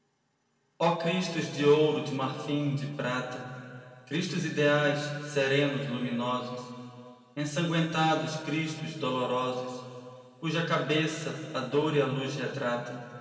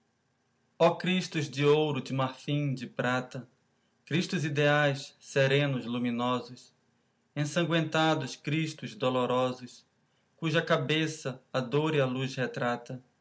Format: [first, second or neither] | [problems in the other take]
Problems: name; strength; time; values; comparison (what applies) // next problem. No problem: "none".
second | room echo; dies away in 2.5 s